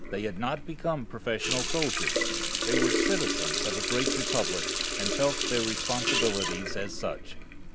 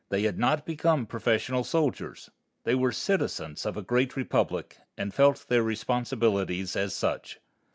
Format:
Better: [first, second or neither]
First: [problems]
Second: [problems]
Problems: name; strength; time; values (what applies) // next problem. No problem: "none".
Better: second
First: background sound (Water tap, faucet); 3 dB above the speech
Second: none